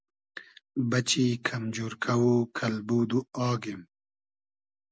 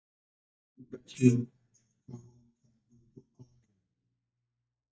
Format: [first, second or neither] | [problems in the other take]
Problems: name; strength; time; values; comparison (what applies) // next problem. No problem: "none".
first | noise reduction (neural mask model DeepFilterNet 3)